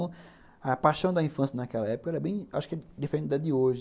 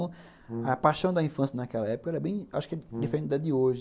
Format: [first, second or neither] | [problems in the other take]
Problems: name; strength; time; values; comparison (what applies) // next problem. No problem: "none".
first | background sound (Brass instrument); 10 dB below the speech